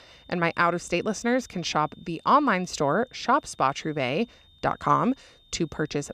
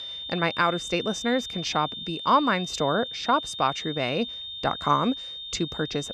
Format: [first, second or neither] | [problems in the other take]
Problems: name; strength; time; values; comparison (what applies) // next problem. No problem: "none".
first | high-pitched whine; loud; throughout; 3.5 kHz, 7 dB below the speech; faint in the first